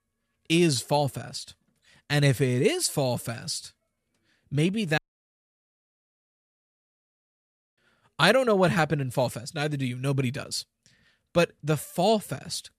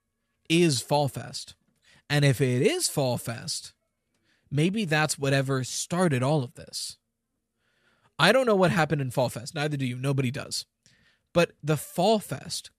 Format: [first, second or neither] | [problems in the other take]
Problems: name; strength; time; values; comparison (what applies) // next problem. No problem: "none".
second | audio cutting out; at 5 s for 3 s